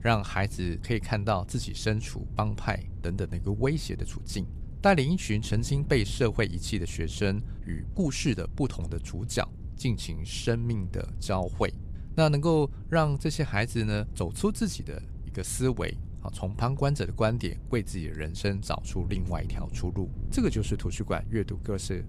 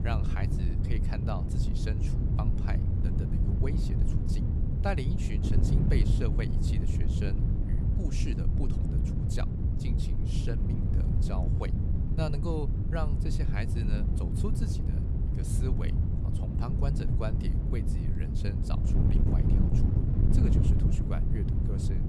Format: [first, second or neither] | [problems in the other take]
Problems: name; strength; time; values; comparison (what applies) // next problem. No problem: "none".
first | wind noise on the microphone; heavy; 1 dB above the speech; occasional gusts in the first